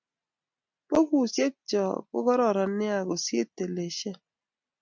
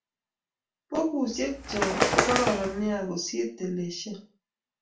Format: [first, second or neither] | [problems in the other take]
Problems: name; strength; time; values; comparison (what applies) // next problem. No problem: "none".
first | background sound (Bird); 1 dB above the speech // room echo; dies away in 0.3 s